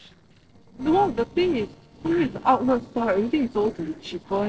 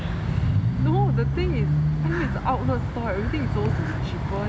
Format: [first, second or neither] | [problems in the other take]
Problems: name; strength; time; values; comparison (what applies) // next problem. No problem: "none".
second | noise reduction (neural separator model SepFormer DNS4)